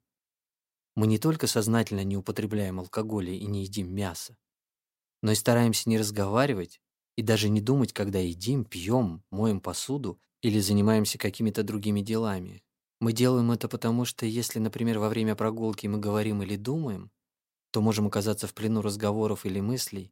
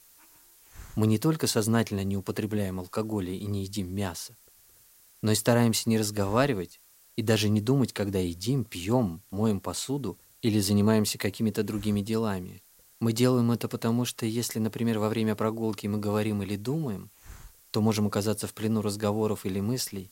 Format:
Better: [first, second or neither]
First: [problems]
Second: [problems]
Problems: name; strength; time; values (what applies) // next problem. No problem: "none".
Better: first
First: none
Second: hiss; faint; throughout; 25 dB below the speech